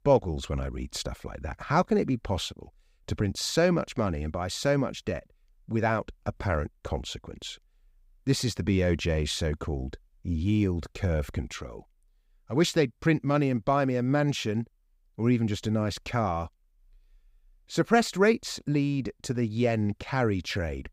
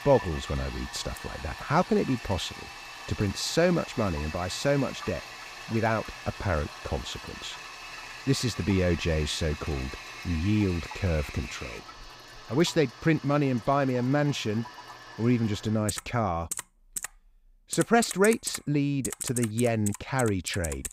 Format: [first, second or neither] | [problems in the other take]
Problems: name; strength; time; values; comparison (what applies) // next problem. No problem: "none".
first | household noises; noticeable; throughout; 10 dB below the speech